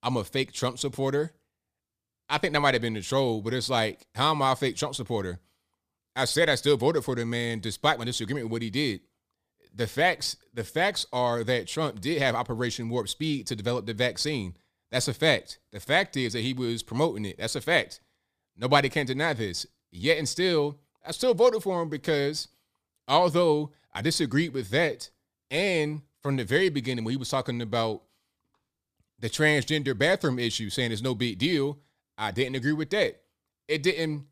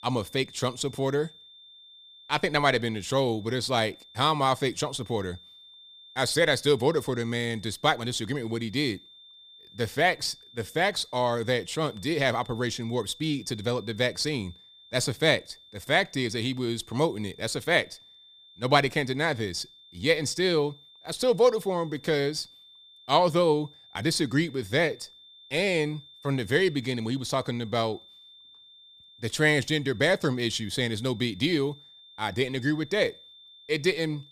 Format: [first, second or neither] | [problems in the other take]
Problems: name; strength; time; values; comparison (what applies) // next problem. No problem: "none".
first | high-pitched whine; faint; throughout; 3.5 kHz, 25 dB below the speech